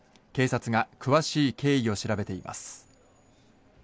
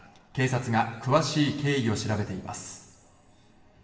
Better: first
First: none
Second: room echo; dies away in 1.1 s

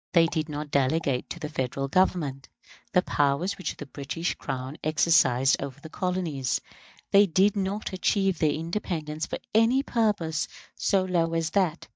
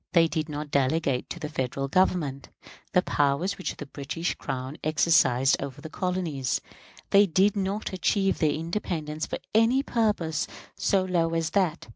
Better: second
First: noise reduction (neural mask model DeepFilterNet 3)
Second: none

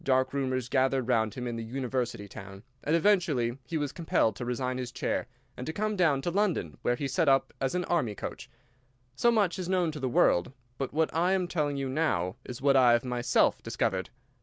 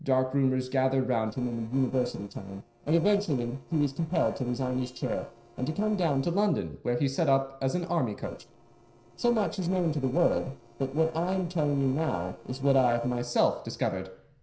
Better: first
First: none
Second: noise reduction (neural separator model SepFormer DNS4)

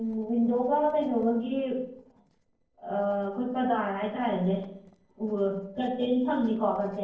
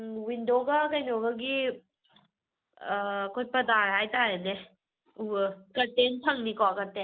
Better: second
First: noise reduction (neural separator model SepFormer DNS4)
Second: none

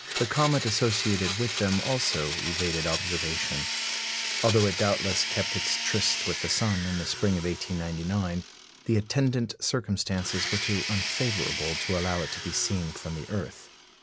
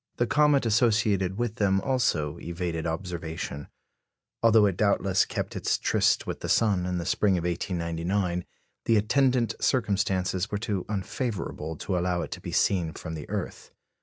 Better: second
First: background sound (Domestic sounds, home sounds); 4 dB below the speech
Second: none

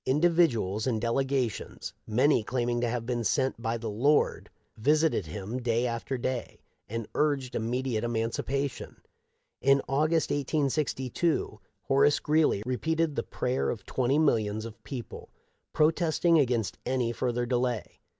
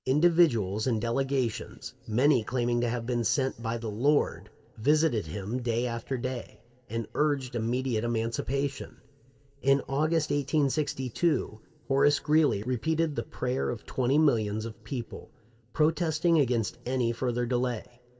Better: first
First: none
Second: room echo; dies away in 1.5 s

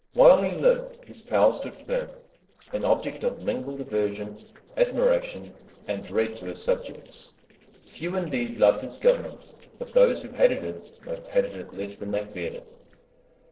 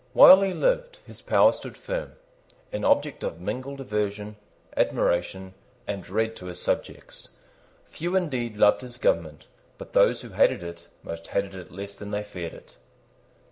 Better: second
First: noise reduction (neural separator model SepFormer DNS4)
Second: none

